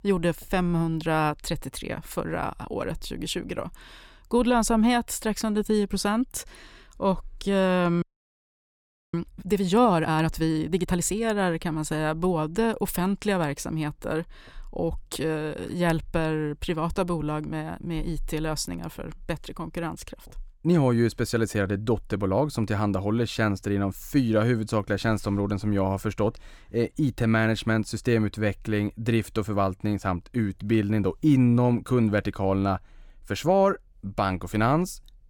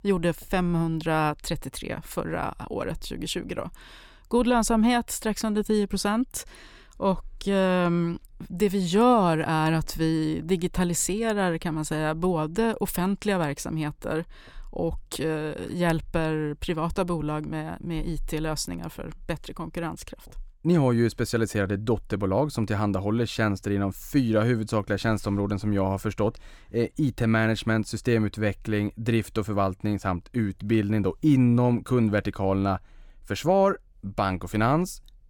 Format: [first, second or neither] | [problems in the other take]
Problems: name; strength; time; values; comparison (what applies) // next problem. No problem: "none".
second | audio freezing; at 8 s for 1 s